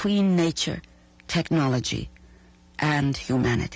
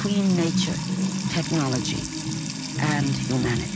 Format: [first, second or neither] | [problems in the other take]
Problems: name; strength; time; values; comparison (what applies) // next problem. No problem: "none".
first | background sound (Trickle, dribble / Water tap, faucet / Music); 1 dB below the speech